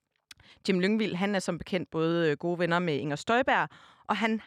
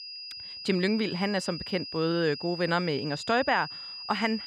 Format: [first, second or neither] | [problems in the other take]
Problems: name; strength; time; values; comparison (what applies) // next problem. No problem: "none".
first | high-pitched whine; loud; throughout; 5 kHz, 9 dB below the speech